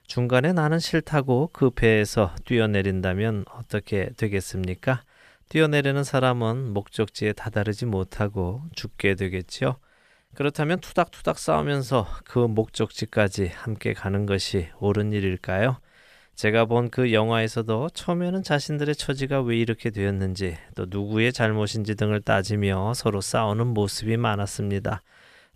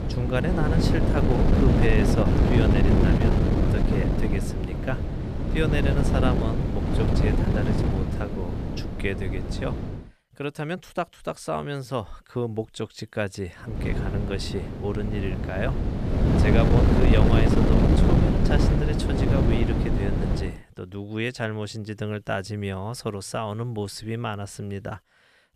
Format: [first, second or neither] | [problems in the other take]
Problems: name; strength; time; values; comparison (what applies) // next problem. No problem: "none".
first | wind noise on the microphone; heavy; until 10 s and from 14 to 20 s; 2 dB above the speech